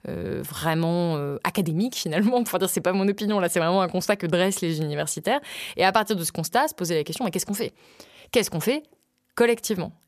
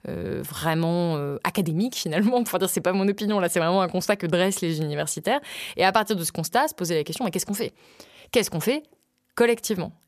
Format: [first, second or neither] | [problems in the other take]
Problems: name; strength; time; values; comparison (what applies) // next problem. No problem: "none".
neither | none